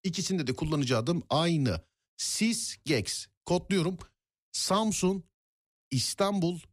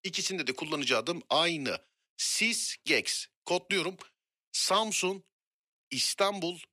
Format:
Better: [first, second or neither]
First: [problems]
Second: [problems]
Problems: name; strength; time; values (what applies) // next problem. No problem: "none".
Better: first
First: none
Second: thin; somewhat; fading below 400 Hz